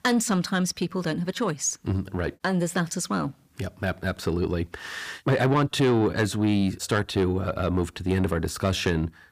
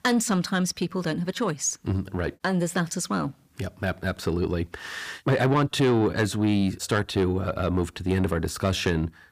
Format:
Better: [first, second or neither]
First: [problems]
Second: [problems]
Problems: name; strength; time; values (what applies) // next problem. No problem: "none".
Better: neither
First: distortion; slight; 10 dB below the speech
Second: distortion; slight; 10 dB below the speech